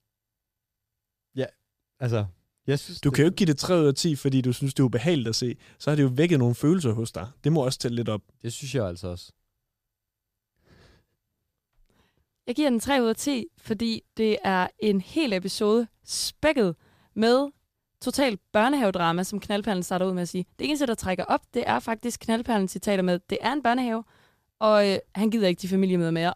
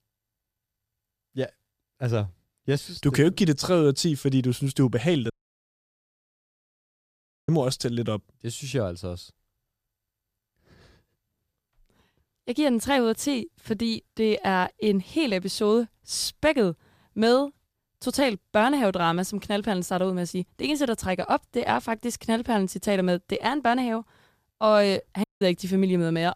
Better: first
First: none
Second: audio cutting out; at 5.5 s for 2 s and at 25 s

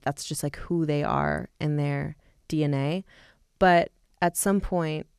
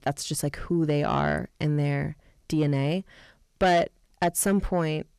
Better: first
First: none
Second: distortion; slight; 10 dB below the speech

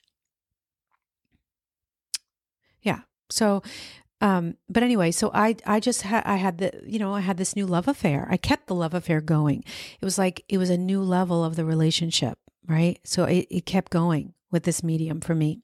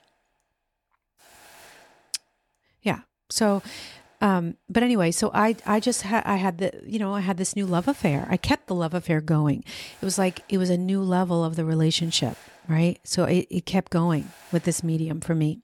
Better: first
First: none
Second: hiss; faint; throughout; 25 dB below the speech

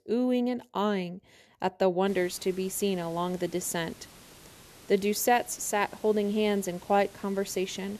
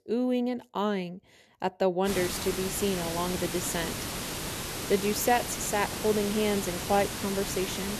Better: first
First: hiss; faint; from 2 s on; 20 dB below the speech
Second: hiss; loud; from 2 s on; 4 dB below the speech

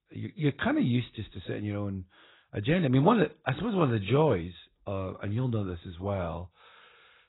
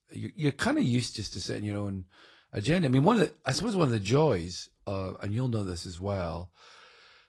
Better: second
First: garbled, watery; badly; nothing above 4 kHz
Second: garbled, watery; slightly

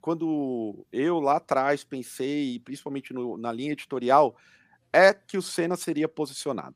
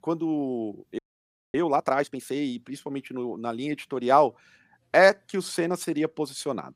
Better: first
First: none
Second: audio freezing; at 1 s for 0.5 s

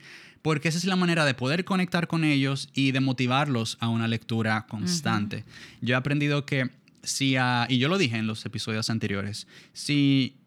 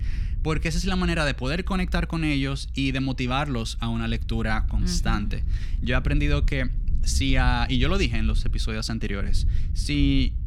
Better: first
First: none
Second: low rumble; faint; throughout; 20 dB below the speech

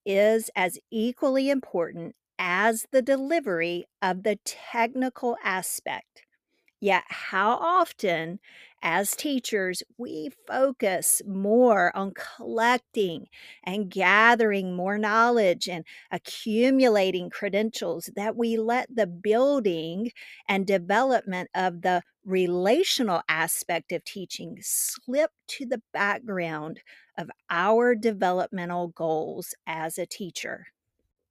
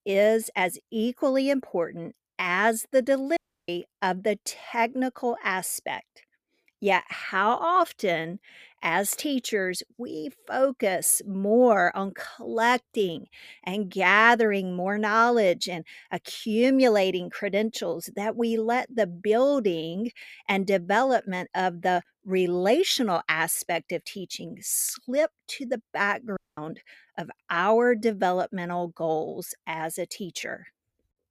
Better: first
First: none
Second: audio cutting out; at 3.5 s and at 26 s

